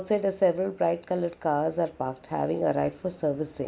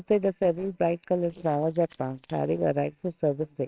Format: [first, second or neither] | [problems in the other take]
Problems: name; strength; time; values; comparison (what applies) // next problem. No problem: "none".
first | noise reduction (neural separator model SepFormer WHAMR!)